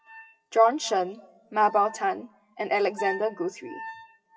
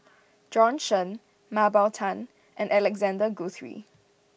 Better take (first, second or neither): second